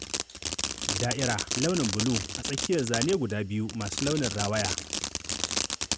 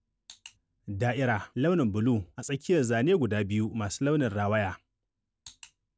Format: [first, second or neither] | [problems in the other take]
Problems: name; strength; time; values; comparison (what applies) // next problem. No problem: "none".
second | background sound (Fireworks); 2 dB below the speech